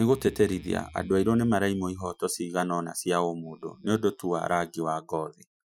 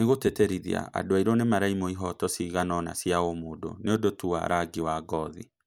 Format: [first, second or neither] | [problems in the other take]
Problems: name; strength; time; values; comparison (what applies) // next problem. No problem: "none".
second | noise reduction (classical method Wiener filter)